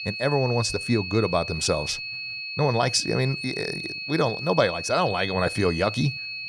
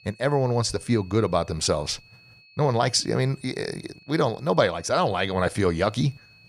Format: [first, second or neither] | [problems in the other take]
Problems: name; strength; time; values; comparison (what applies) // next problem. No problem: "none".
second | high-pitched whine; loud; throughout; 2.5 kHz, 6 dB below the speech; faint in the second